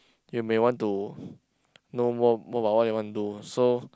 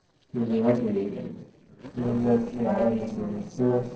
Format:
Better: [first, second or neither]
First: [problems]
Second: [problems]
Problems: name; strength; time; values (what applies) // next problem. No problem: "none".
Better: first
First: none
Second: noise reduction (neural separator model SepFormer DNS4)